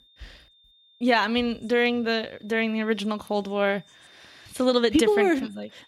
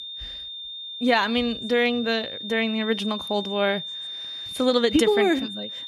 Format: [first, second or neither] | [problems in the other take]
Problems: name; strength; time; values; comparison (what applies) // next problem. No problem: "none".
first | high-pitched whine; loud; throughout; 3.5 kHz, 9 dB below the speech; faint in the first